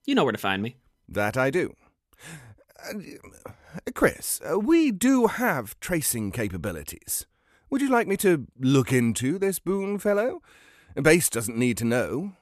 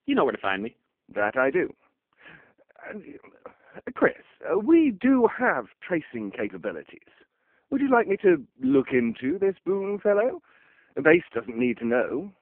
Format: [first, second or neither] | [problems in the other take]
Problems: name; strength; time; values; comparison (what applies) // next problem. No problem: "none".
first | phone-call audio; poor line